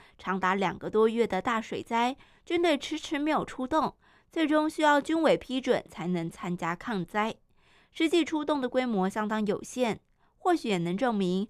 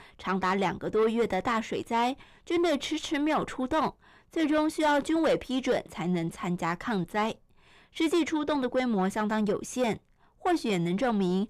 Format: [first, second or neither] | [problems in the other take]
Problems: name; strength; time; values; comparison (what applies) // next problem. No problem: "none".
first | distortion; slight; 10 dB below the speech